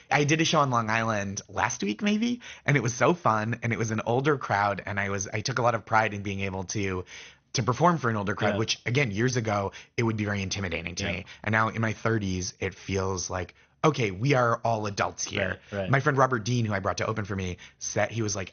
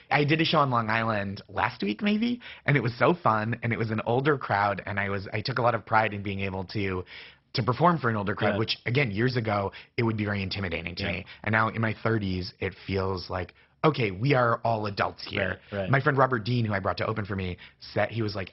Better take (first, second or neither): first